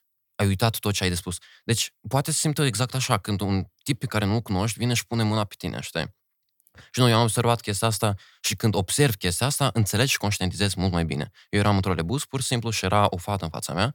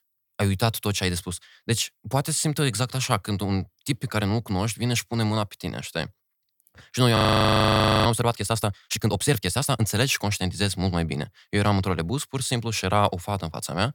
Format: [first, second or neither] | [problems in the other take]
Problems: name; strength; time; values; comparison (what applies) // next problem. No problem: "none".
first | audio freezing; at 7 s for 1 s